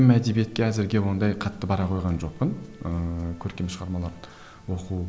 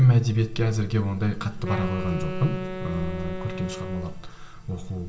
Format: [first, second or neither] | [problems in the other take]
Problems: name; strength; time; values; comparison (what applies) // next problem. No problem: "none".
first | background sound (Wind instrument, woodwind instrument); 10 dB below the speech // room echo; dies away in 0.2 s